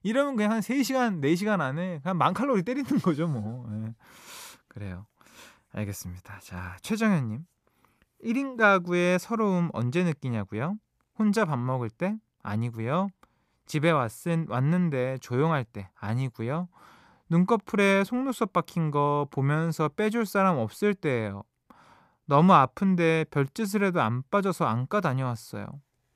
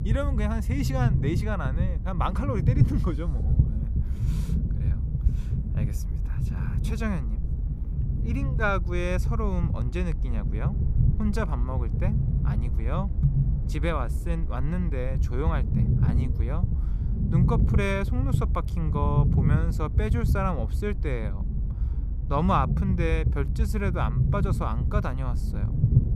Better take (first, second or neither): first